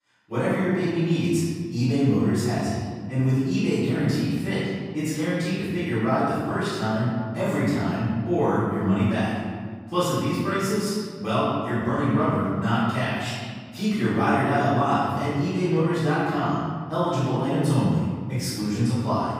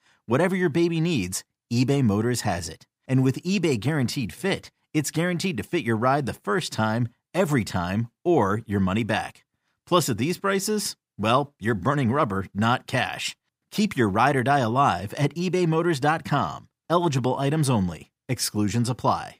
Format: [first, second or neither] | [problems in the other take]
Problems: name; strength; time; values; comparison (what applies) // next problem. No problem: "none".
second | room echo; strong; dies away in 1.8 s // off-mic speech; far